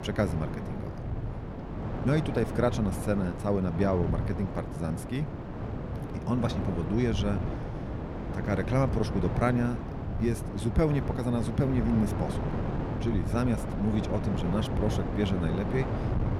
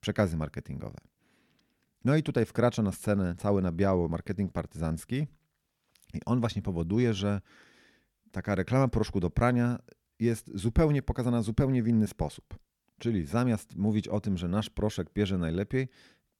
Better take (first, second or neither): second